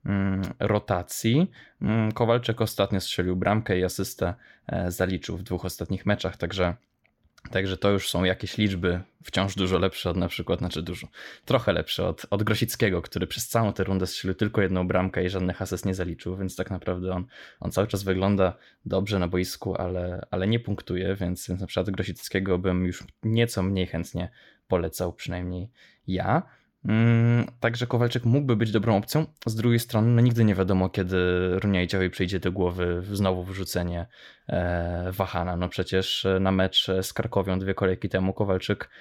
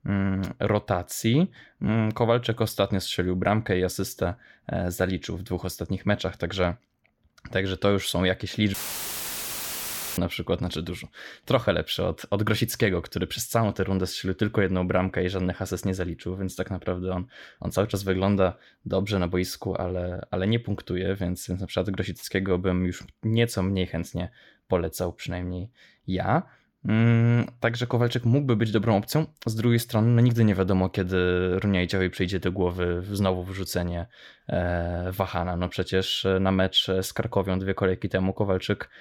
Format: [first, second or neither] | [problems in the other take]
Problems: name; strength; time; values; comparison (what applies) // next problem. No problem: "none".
first | audio cutting out; filled with static; at 8.5 s for 1.5 s